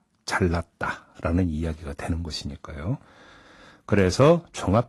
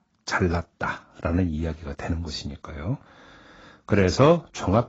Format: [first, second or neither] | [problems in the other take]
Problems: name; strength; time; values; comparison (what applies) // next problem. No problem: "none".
first | garbled, watery; badly; nothing above 7.5 kHz; slightly in the first